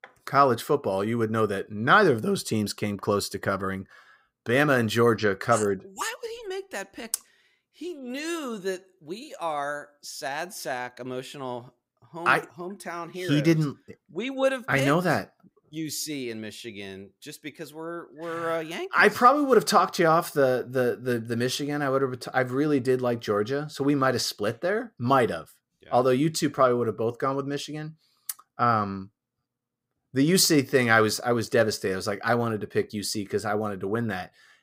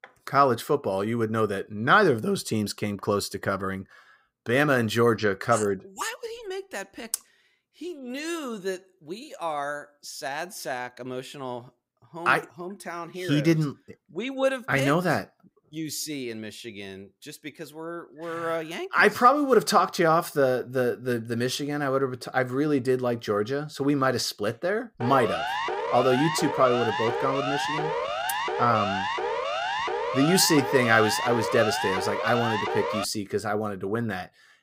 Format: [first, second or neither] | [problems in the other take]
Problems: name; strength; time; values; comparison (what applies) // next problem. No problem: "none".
first | siren; noticeable; from 25 to 33 s; peak 2 dB below the speech